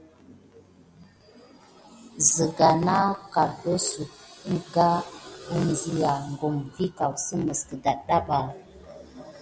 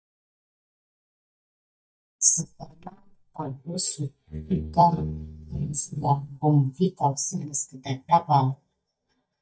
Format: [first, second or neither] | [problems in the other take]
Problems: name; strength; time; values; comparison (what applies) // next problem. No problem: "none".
first | noise reduction (neural mask model DeepFilterNet 3)